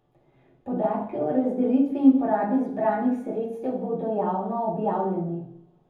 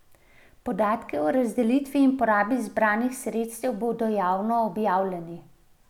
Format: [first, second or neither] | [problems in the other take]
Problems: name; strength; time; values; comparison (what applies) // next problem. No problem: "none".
second | room echo; dies away in 0.7 s